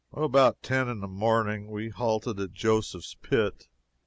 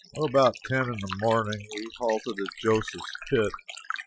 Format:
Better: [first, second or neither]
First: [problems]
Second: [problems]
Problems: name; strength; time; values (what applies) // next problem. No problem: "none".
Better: first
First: none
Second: noise reduction (classical method Wiener filter)